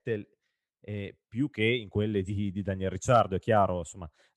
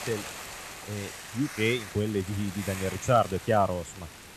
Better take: first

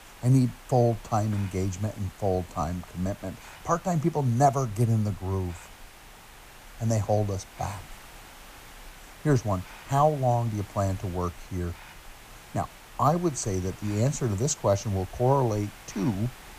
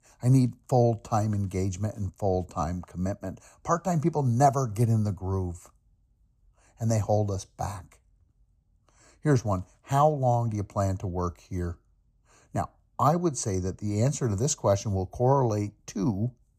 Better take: second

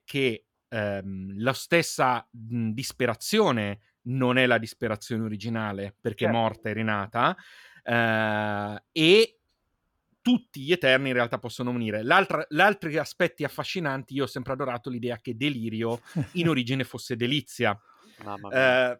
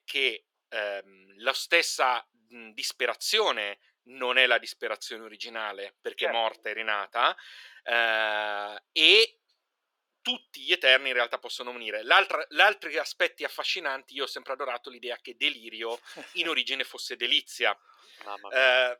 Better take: first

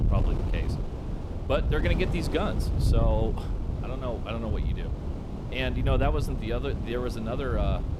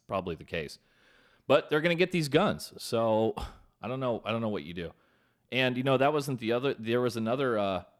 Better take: second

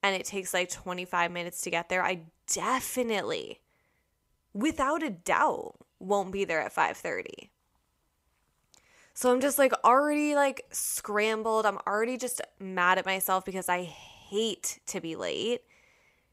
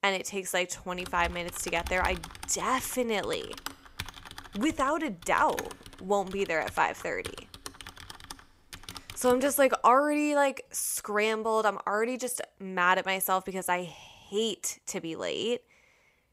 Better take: first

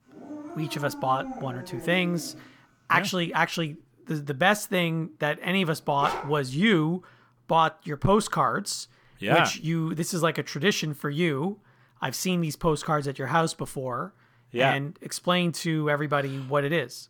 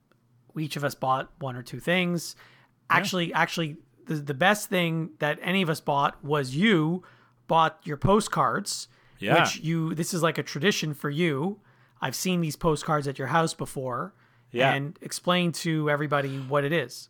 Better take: second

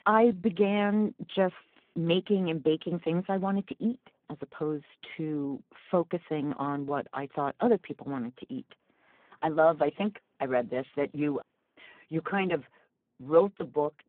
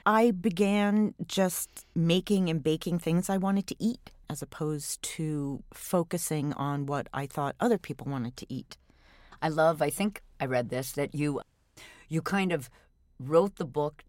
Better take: second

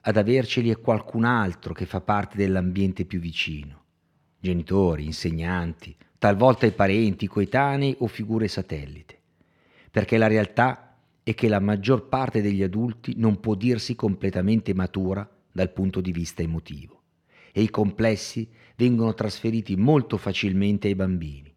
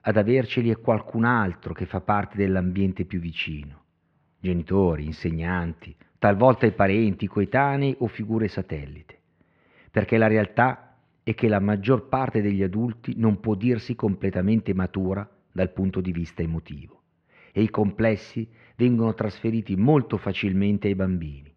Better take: first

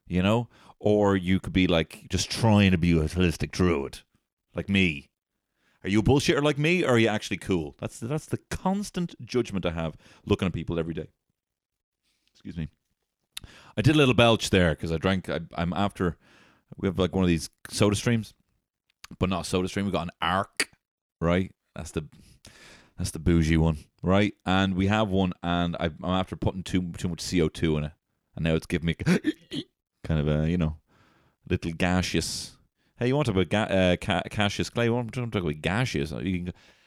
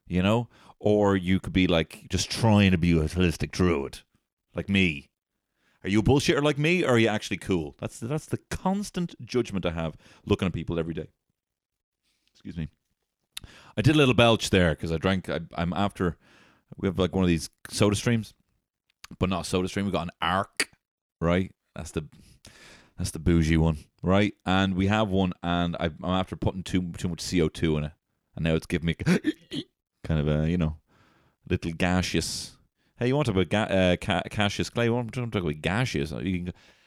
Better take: neither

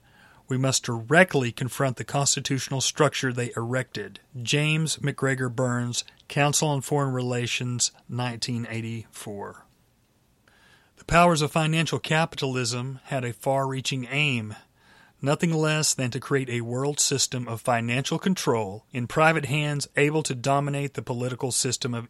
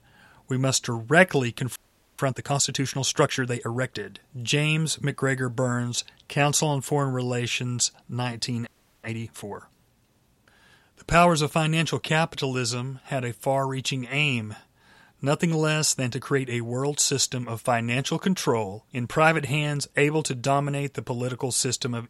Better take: first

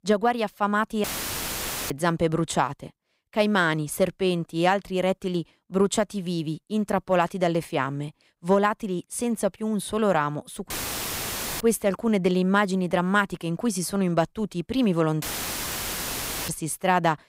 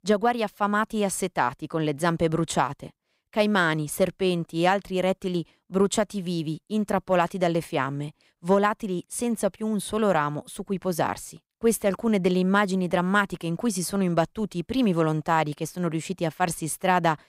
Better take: second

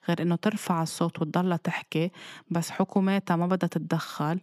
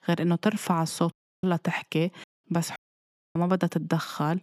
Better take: first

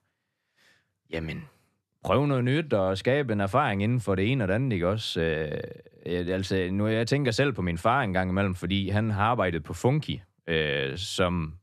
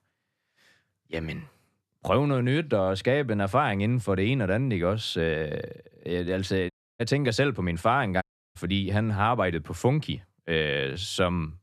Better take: first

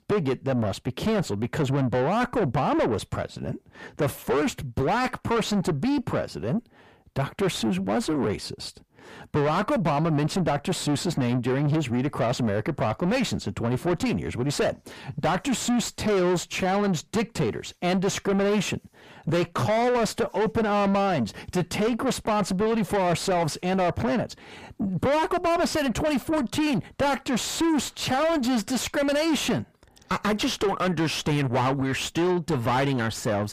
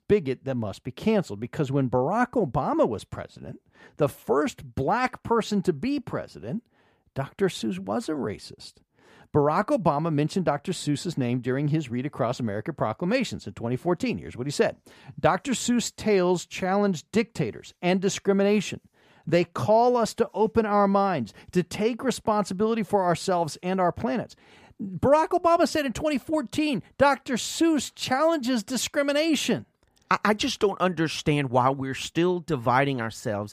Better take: second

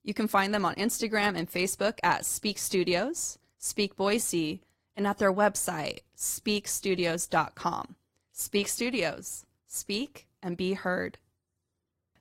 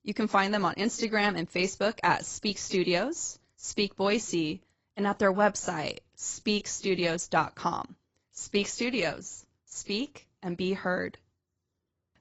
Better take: first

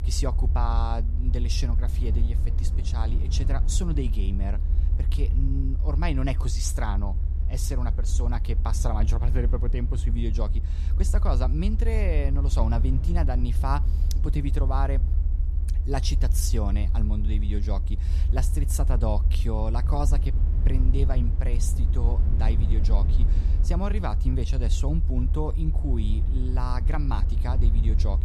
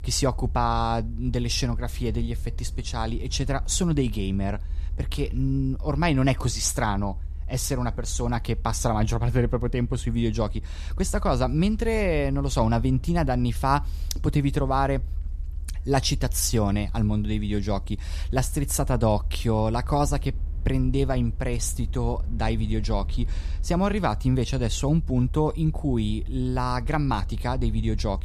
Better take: second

